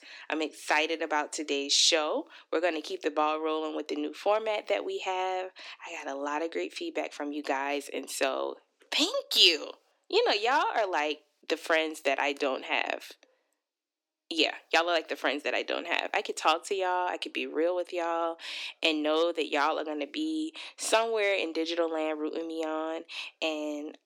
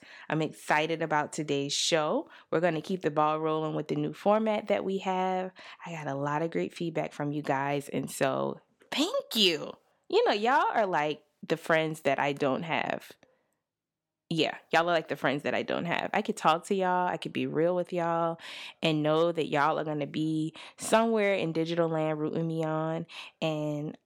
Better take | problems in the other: second | thin; very slightly; fading below 300 Hz

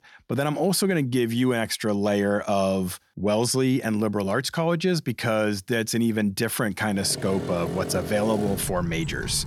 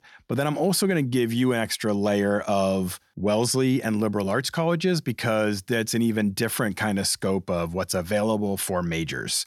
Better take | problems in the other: second | traffic noise; loud; from 7 s on; 9 dB below the speech

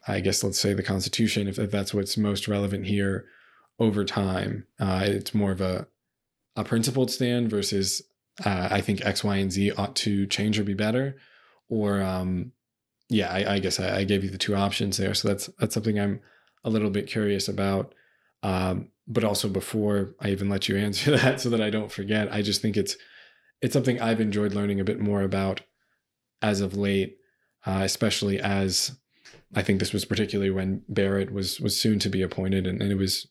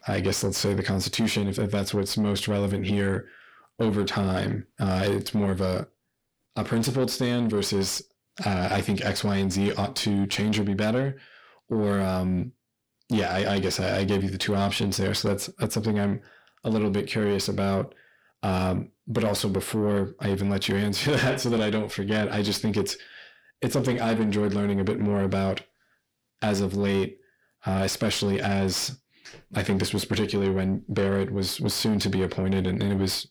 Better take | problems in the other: first | distortion; slight; 10 dB below the speech

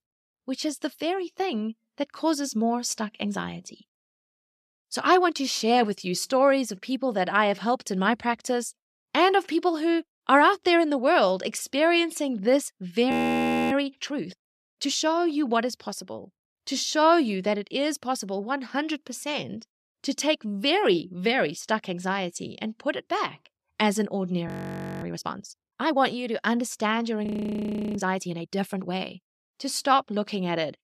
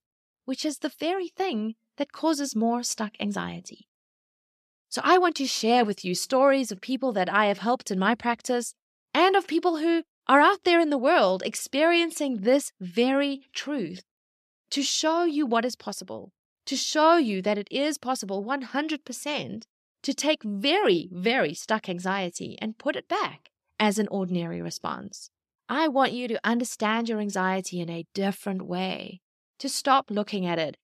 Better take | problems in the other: second | audio freezing; at 13 s for 0.5 s, at 24 s for 0.5 s and at 27 s for 0.5 s

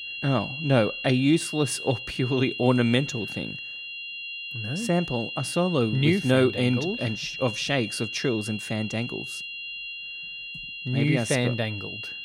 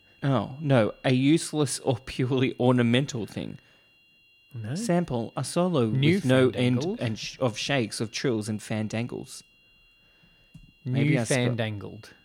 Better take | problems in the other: second | high-pitched whine; loud; throughout; 3 kHz, 8 dB below the speech; faint in the second

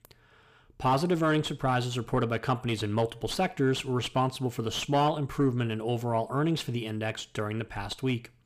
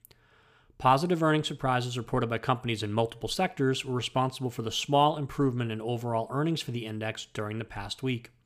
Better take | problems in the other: second | distortion; slight; 10 dB below the speech

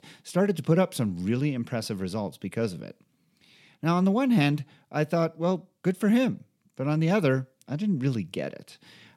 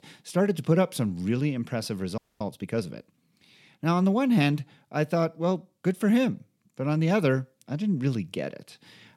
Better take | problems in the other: first | audio freezing; at 2 s

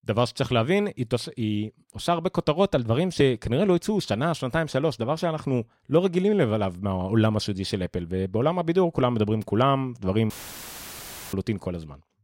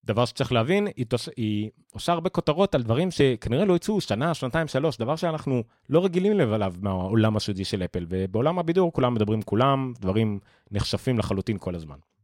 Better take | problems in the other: second | audio cutting out; filled with static; at 10 s for 1 s

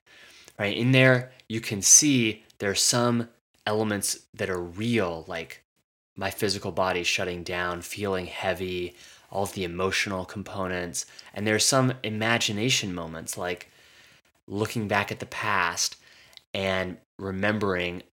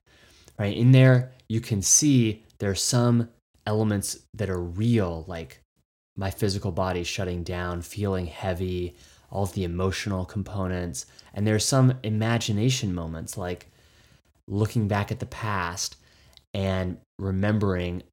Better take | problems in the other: second | thin; somewhat; fading below 400 Hz

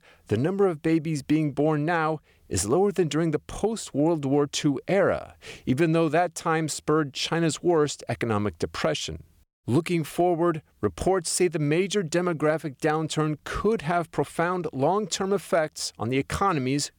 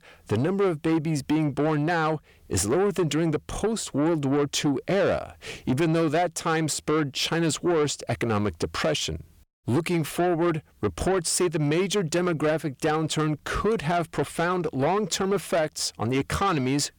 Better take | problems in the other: first | distortion; slight; 10 dB below the speech

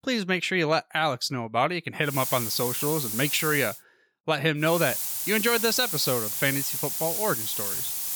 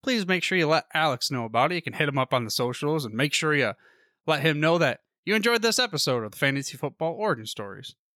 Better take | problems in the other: second | hiss; loud; from 2 to 3.5 s and from 4.5 s on; 2 dB below the speech

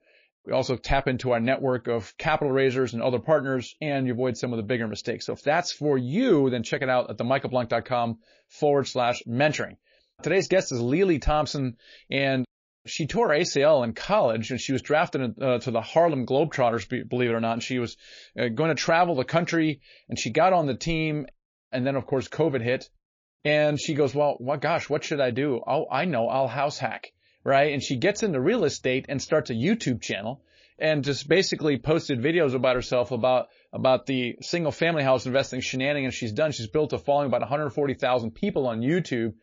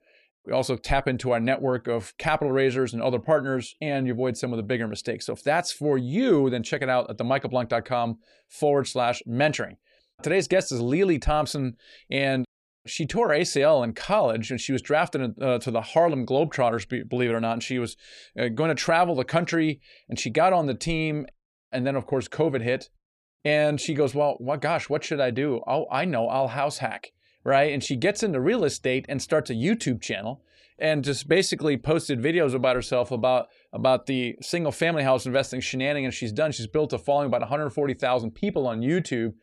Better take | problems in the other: second | garbled, watery; slightly

